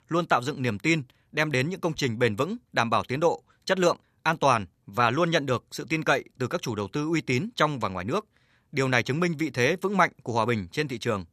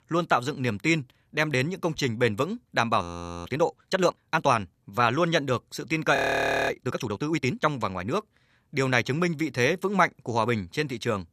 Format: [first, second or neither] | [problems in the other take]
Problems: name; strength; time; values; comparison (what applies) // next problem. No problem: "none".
first | audio freezing; at 3 s and at 6 s for 0.5 s